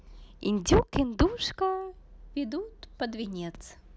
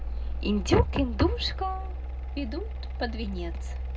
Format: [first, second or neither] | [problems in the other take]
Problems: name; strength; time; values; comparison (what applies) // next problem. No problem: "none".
first | background sound (Mechanical fan); 3 dB below the speech // room echo; dies away in 0.2 s